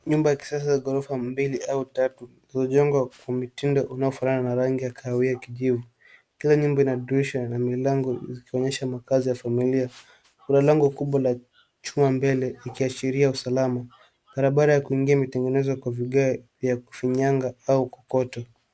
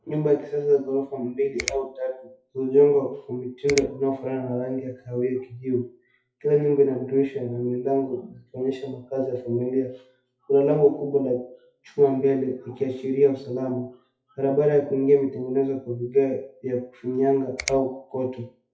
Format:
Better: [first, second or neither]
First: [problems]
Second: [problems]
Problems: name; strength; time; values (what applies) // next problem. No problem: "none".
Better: first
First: none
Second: noise reduction (classical method WPE with log-MMSE)